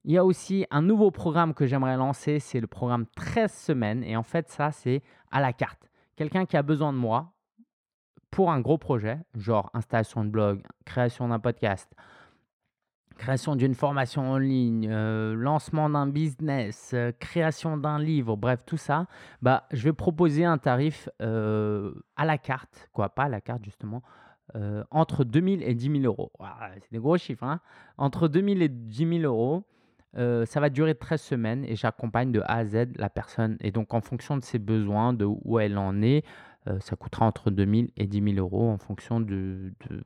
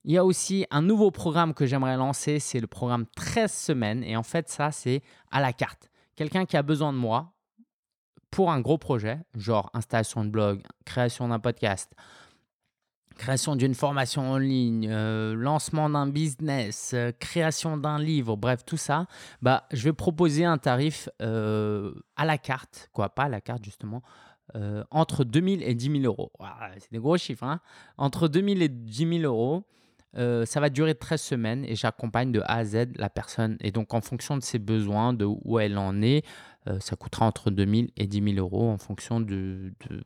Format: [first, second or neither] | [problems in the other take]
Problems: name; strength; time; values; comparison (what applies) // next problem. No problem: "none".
second | muffled; slightly; fading above 3.5 kHz